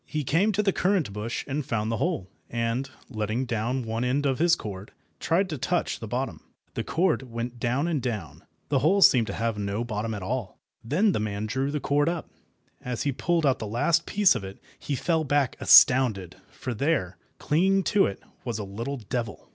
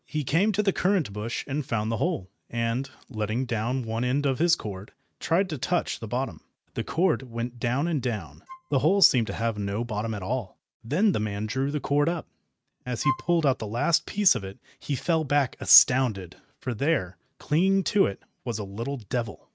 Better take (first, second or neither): first